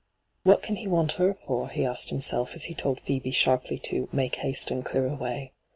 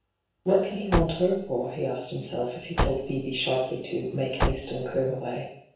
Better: first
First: none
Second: background sound (Car); 4 dB below the speech // room echo; dies away in 0.7 s

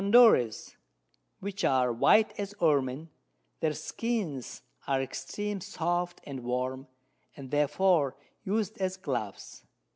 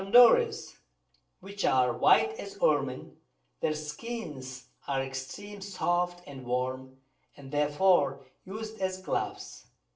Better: first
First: none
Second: room echo; dies away in 0.3 s

